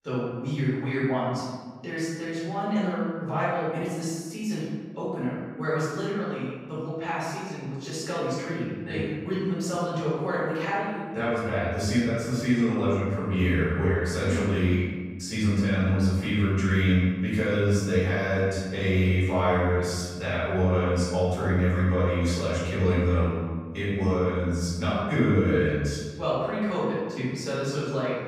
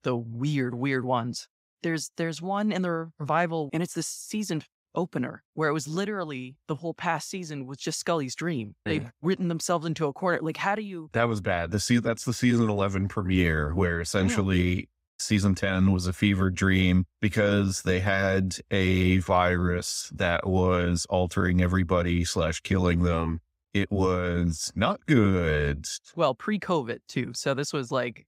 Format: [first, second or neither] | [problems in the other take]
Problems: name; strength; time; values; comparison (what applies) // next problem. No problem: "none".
second | off-mic speech; far // room echo; strong; dies away in 1.3 s